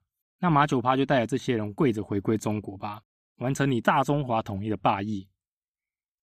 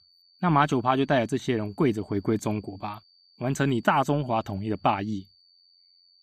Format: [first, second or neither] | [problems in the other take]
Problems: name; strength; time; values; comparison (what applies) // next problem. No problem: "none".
first | high-pitched whine; faint; throughout; 4.5 kHz, 30 dB below the speech